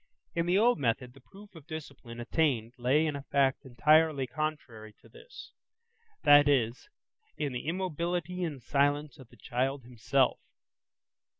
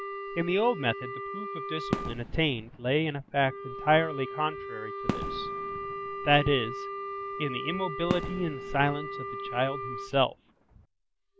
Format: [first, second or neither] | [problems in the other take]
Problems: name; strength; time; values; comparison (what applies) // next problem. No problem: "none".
first | background sound (Wind instrument, woodwind instrument + Fireworks); 6 dB below the speech